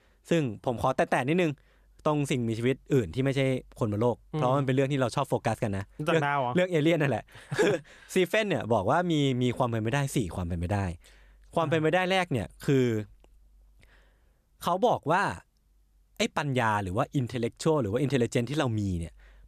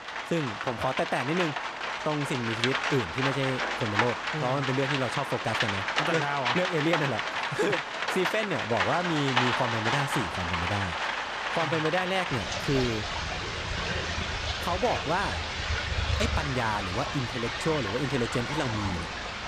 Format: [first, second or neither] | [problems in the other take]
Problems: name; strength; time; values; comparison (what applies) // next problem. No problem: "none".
first | rain or running water; very loud; throughout; 1 dB above the speech